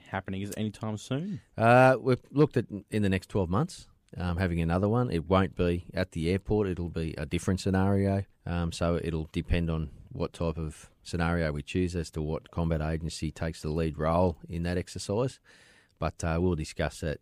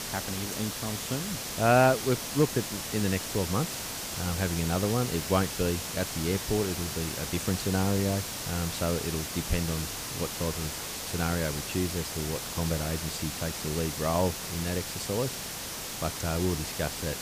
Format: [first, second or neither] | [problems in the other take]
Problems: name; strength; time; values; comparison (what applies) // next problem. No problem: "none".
first | hiss; loud; throughout; 3 dB below the speech